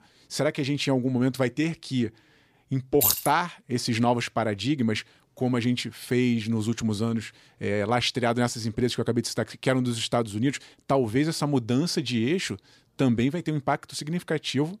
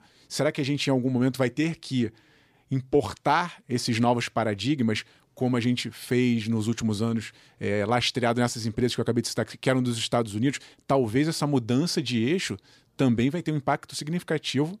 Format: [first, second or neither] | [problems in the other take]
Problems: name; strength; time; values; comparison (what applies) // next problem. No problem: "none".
second | jangling keys; loud; at 3 s; peak 4 dB above the speech